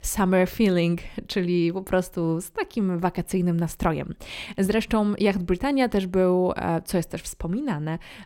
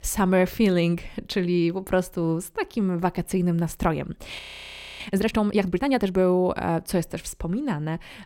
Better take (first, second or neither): first